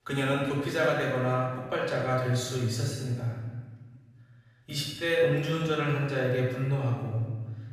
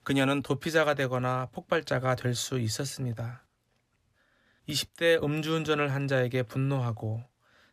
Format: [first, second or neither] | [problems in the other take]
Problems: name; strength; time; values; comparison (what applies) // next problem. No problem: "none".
second | off-mic speech; far // room echo; noticeable; dies away in 1.3 s